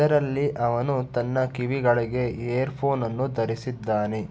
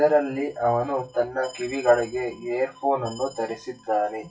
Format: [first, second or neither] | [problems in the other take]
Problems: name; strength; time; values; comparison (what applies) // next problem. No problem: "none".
first | noise reduction (classical method WPE with log-MMSE)